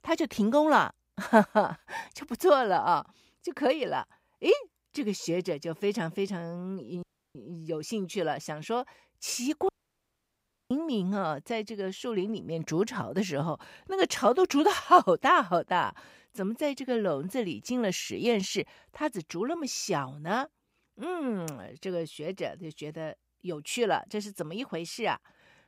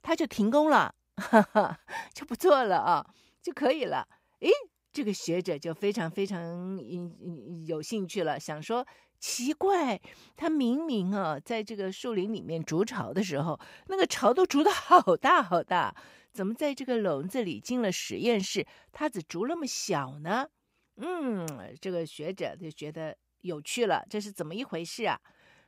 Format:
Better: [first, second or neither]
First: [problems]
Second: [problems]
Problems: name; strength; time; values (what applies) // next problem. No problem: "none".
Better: second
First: audio cutting out; at 7 s and at 9.5 s for 1 s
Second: none